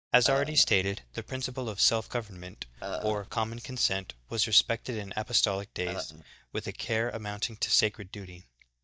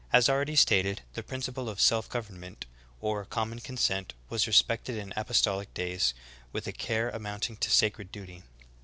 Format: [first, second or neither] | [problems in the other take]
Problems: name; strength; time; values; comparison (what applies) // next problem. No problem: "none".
second | noise reduction (neural mask model DeepFilterNet 3)